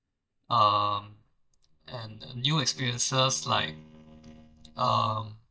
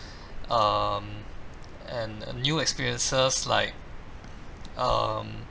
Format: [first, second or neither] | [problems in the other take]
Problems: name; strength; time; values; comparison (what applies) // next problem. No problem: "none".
second | noise reduction (neural mask model DeepFilterNet 3)